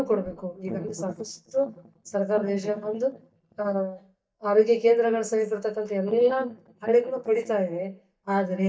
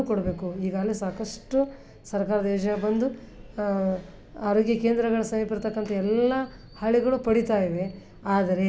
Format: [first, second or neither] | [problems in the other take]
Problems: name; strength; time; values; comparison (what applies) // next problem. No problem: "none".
second | noise reduction (neural mask model DeepFilterNet 3)